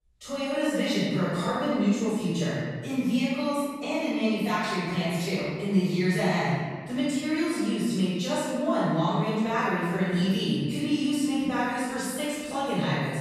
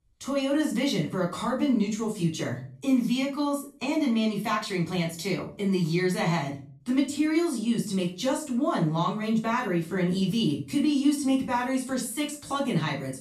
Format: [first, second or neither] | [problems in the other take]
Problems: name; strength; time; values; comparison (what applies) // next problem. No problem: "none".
second | room echo; strong; dies away in 1.5 s; slight in the second // off-mic speech; far; far in the second